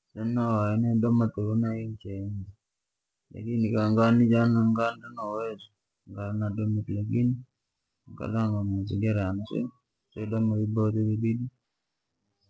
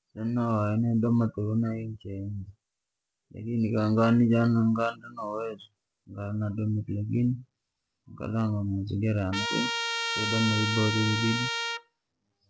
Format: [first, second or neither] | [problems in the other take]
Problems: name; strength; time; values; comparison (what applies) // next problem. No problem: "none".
first | background sound (Trumpet); 2 dB below the speech